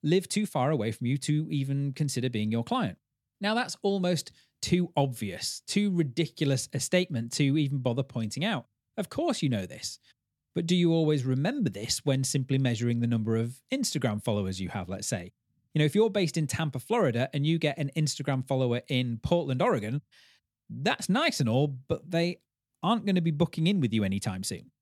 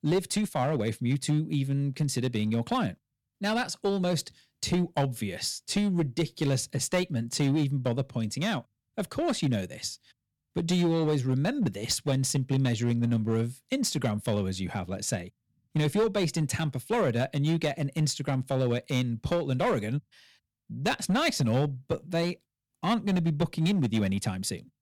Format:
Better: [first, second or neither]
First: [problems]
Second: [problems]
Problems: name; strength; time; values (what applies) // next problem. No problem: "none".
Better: first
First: none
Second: distortion; slight; 6% of the sound clipped